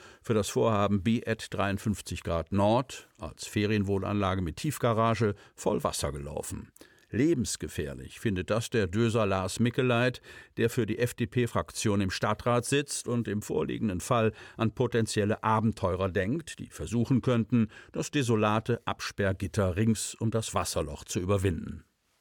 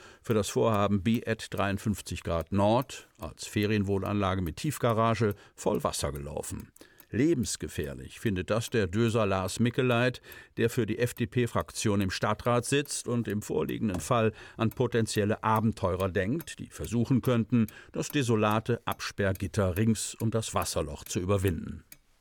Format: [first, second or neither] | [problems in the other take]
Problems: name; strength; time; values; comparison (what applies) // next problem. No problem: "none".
first | traffic noise; faint; throughout; 25 dB below the speech